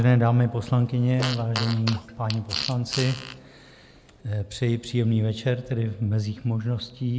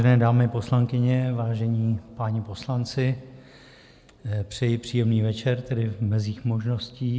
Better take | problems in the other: second | background sound (Fart); 10 dB below the speech

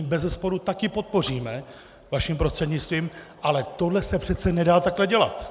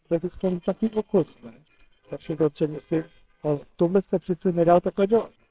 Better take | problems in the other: first | noise reduction (neural separator model SepFormer WHAMR!)

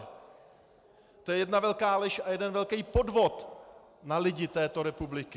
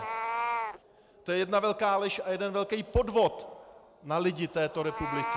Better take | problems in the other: first | background sound (Meow); 8 dB below the speech

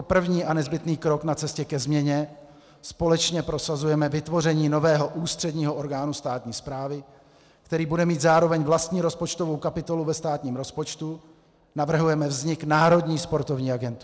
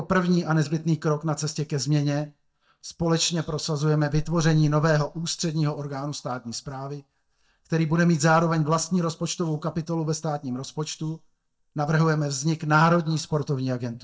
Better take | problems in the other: first | noise reduction (neural mask model DeepFilterNet 3)

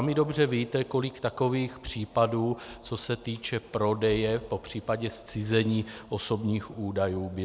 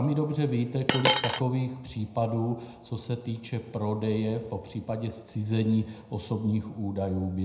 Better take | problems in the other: first | background sound (Coin (dropping)); 4 dB above the speech // room echo; dies away in 0.7 s

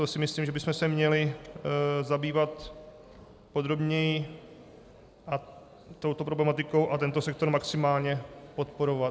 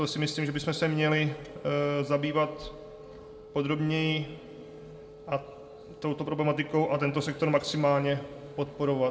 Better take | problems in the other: first | background sound (Telephone); 20 dB below the speech // room echo; dies away in 1.5 s

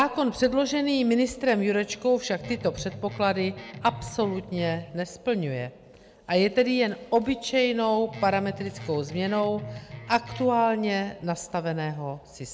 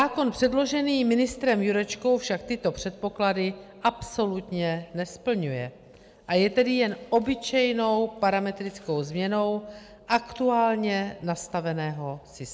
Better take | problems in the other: second | background sound (Guitar); 14 dB below the speech

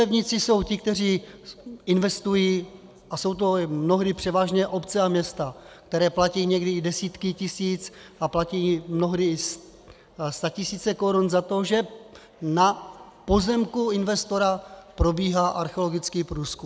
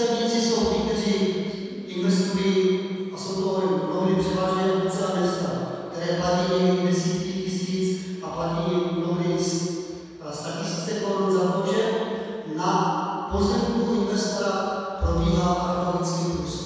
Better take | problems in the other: first | room echo; dies away in 2.1 s

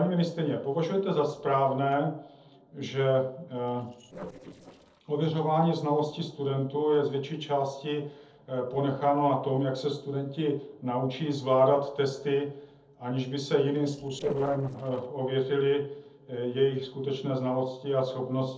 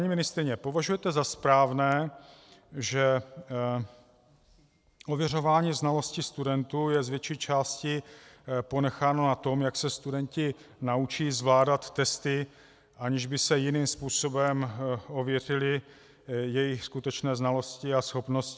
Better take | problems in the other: second | noise reduction (neural separator model SepFormer DNS4)

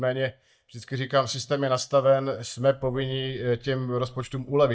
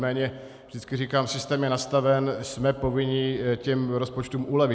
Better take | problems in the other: second | noise reduction (neural mask model DeepFilterNet 3)

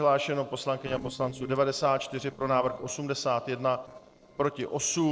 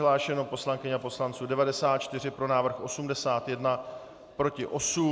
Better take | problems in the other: second | noise reduction (neural separator model SepFormer DNS4)

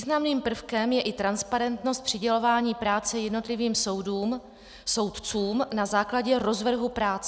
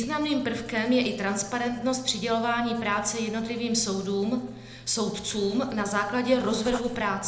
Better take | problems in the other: first | background sound (Writing); 19 dB below the speech // room echo; dies away in 0.8 s

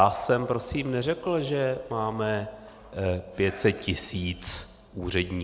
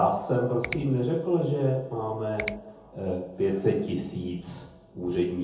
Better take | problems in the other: first | background sound (Finger snapping); 14 dB below the speech // room echo; dies away in 0.7 s

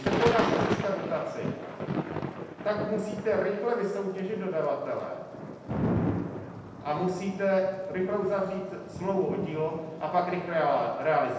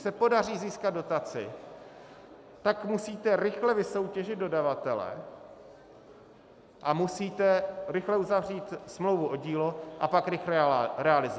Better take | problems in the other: second | background sound (Thunder / Rain); 4 dB below the speech // room echo; dies away in 0.9 s

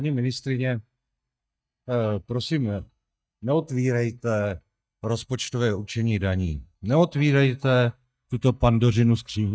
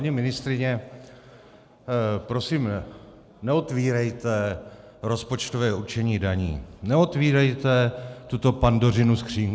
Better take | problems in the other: second | noise reduction (neural mask model DeepFilterNet 3)

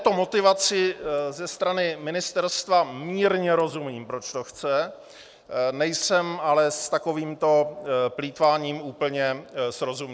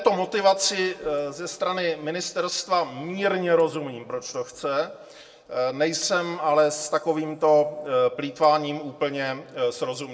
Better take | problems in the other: first | room echo; dies away in 0.5 s

